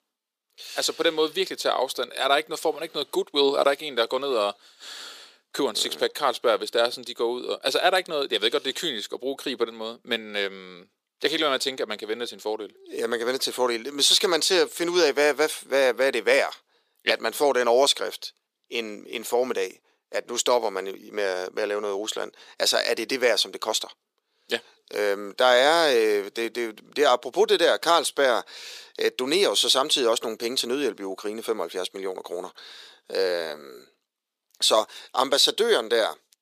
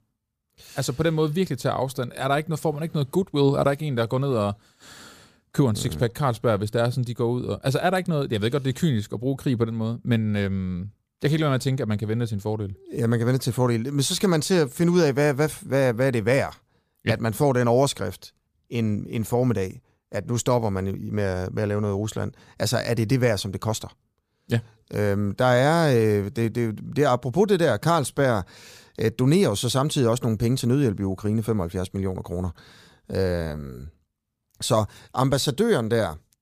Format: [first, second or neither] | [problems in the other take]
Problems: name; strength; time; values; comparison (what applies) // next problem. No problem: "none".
second | thin; very; fading below 350 Hz